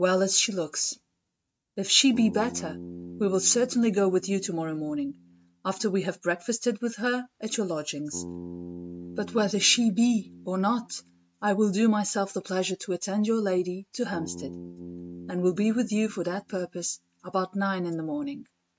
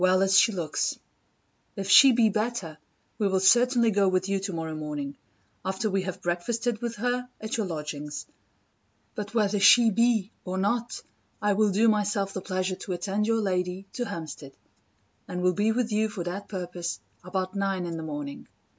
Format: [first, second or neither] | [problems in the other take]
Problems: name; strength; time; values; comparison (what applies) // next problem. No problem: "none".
second | noise reduction (neural mask model RNNoise)